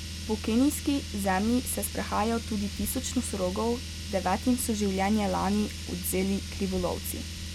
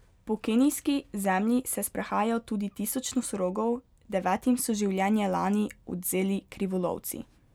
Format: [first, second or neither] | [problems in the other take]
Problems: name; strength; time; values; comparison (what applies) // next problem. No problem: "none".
second | background sound (Car); 8 dB below the speech